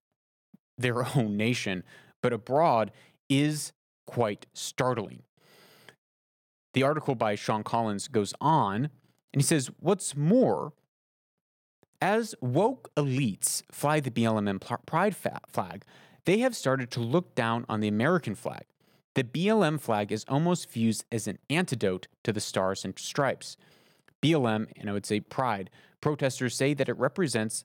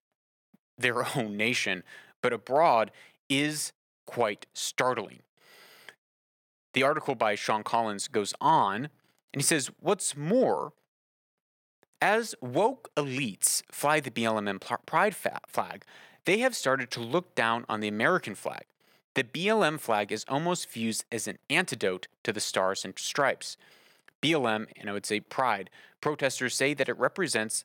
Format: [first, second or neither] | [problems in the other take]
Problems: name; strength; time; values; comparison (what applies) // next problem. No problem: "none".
first | thin; very slightly; fading below 550 Hz